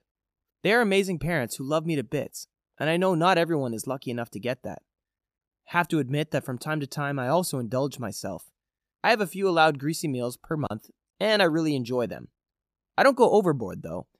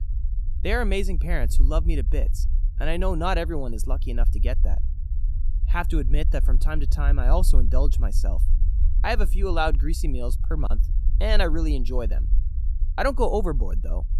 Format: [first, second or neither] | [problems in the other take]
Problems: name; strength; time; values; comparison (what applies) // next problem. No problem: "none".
first | low rumble; noticeable; throughout; 20 dB below the speech